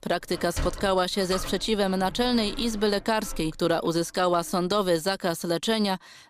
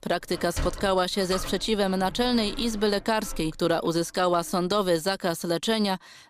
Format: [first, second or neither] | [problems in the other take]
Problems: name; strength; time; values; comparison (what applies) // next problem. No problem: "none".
neither | door banging; noticeable; until 3.5 s; peak 8 dB below the speech; the same in both